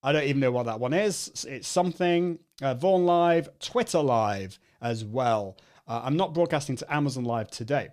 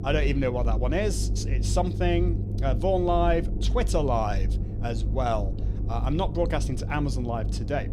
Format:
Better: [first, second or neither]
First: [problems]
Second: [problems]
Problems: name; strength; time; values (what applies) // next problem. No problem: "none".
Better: first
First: none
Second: low rumble; noticeable; throughout; 15 dB below the speech